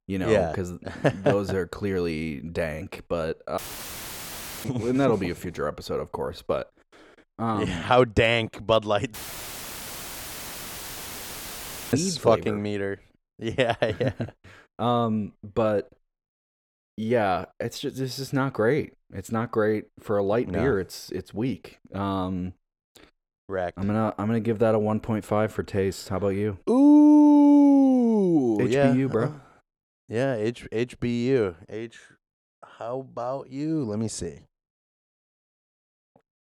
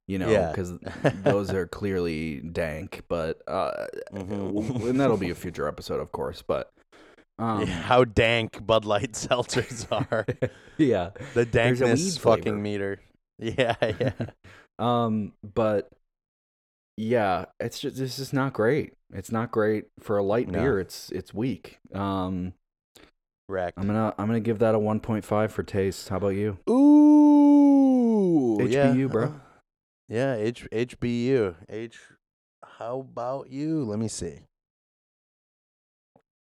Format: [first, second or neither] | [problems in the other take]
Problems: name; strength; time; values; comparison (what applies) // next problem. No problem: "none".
second | audio cutting out; filled with static; at 3.5 s for 1 s and at 9 s for 3 s